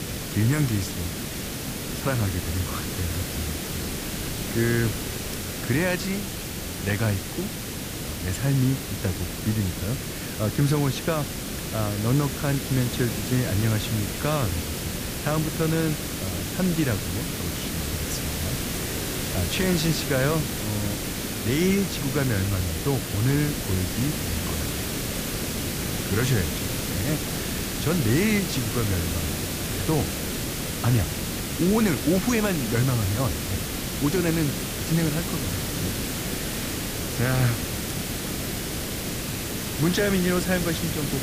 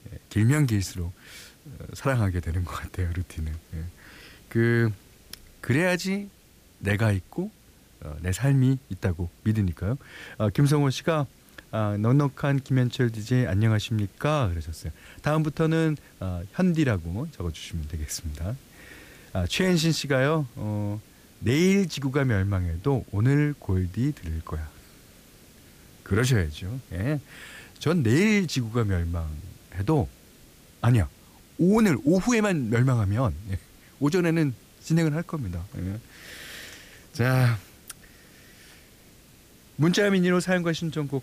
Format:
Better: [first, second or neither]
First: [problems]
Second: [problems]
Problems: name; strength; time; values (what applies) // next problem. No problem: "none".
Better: second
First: hiss; loud; throughout; 2 dB below the speech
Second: hiss; faint; throughout; 25 dB below the speech